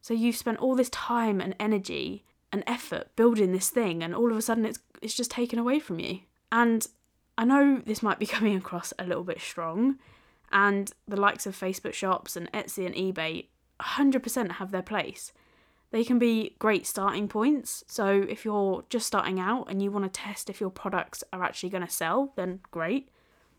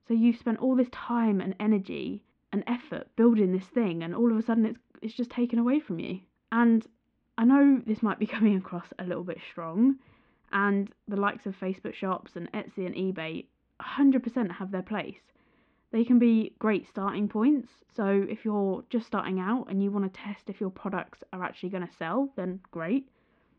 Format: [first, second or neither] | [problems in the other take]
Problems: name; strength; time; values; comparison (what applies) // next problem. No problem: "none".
first | muffled; very; fading above 3 kHz